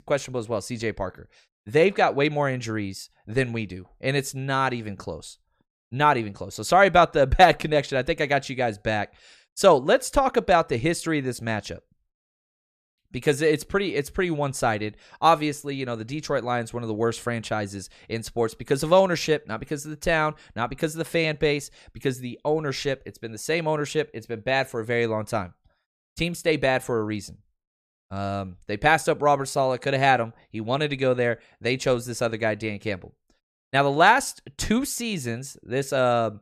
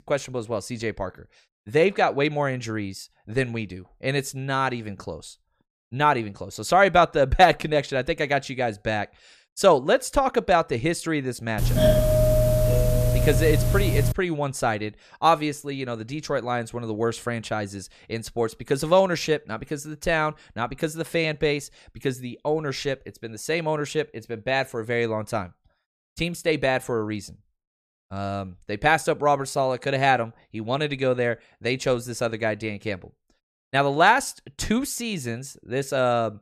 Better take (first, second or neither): first